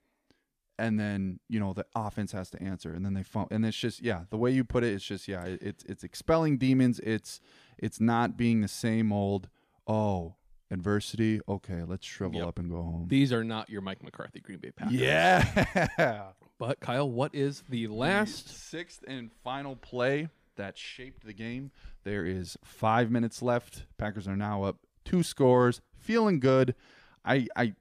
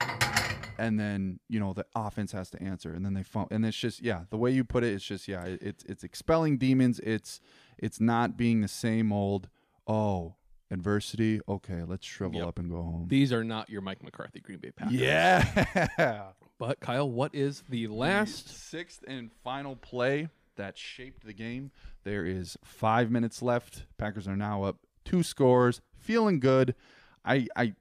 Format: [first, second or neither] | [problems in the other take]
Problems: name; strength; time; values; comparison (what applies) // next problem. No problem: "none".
first | clattering dishes; loud; at the start; peak 3 dB above the speech